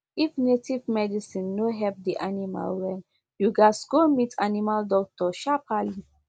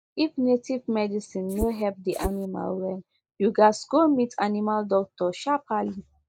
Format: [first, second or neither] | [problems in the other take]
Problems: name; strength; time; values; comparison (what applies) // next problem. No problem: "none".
first | noise reduction (neural mask model Resemble Enhance denoiser)